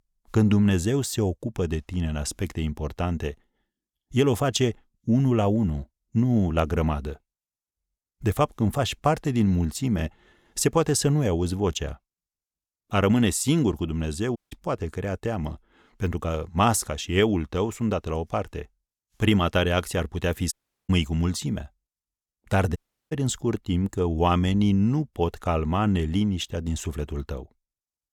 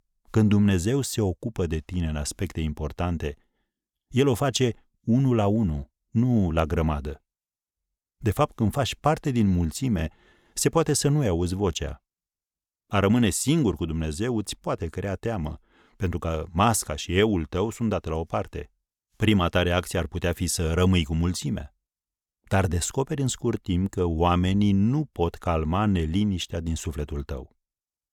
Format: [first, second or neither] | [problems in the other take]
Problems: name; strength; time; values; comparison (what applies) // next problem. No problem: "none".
second | audio cutting out; at 14 s, at 21 s and at 23 s